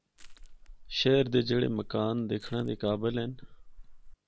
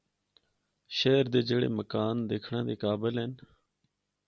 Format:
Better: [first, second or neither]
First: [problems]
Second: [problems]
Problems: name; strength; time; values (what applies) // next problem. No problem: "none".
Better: second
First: background sound (Crushing); 15 dB below the speech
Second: none